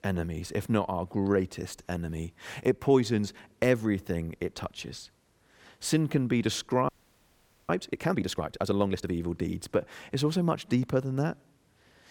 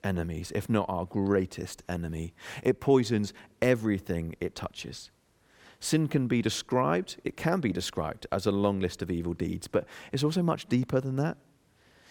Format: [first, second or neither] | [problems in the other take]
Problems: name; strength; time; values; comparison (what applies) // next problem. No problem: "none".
second | audio freezing; at 7 s for 1 s